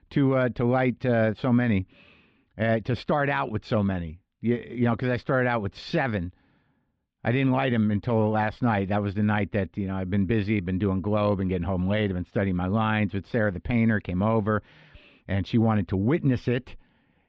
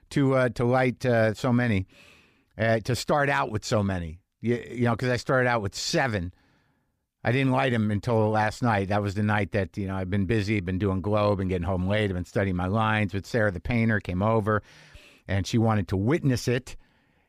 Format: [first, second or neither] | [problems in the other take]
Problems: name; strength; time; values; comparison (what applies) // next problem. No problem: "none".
second | muffled; slightly; fading above 3.5 kHz